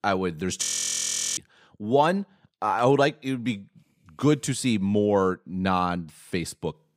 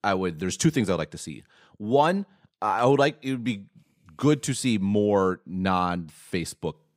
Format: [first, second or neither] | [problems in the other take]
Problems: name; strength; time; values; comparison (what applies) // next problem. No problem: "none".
second | audio freezing; at 0.5 s for 0.5 s